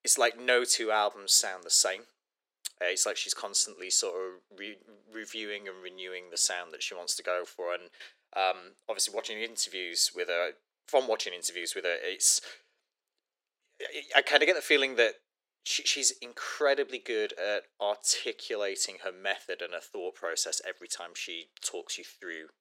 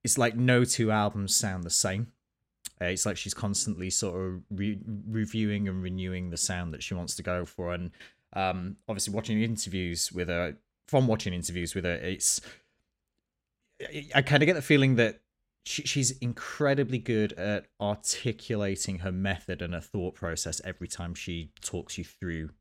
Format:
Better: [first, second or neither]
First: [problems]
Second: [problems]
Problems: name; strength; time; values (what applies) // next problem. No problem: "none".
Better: second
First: thin; very; fading below 400 Hz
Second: none